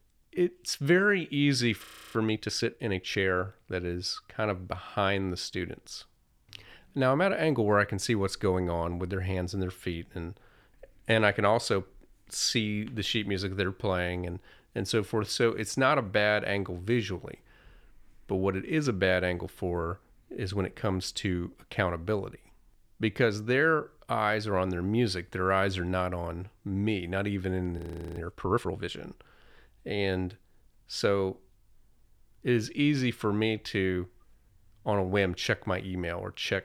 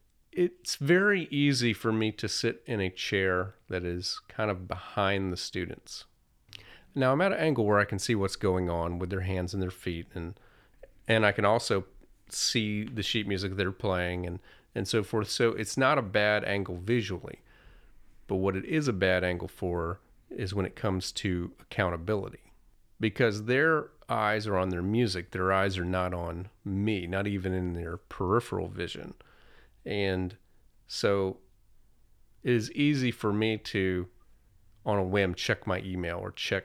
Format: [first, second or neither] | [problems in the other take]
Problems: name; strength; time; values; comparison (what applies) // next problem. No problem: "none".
second | audio freezing; at 2 s and at 28 s